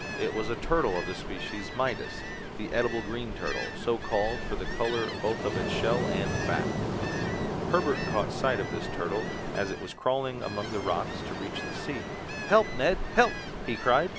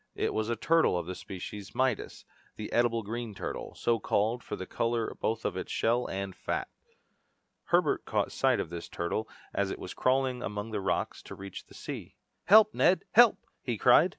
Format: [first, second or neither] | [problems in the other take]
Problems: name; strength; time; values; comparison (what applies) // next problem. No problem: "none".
second | background sound (Ocean); 3 dB below the speech